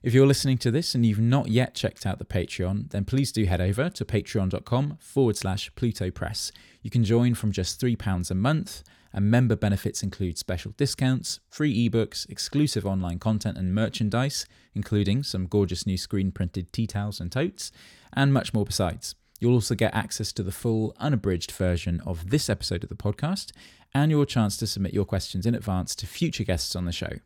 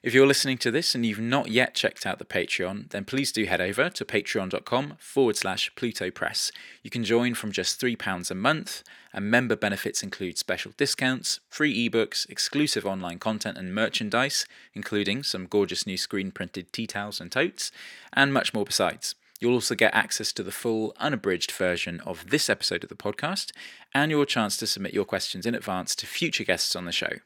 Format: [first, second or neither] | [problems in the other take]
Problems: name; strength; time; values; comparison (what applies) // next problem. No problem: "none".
first | thin; somewhat; fading below 300 Hz